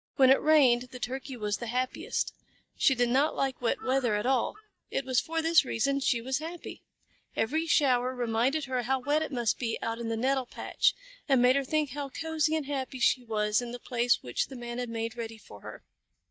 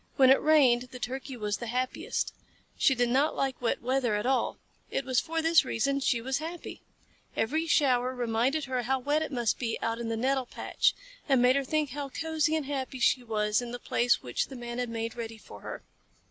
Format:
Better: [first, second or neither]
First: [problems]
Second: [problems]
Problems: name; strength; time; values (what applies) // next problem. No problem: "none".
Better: second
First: noise reduction (neural mask model DeepFilterNet 3)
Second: none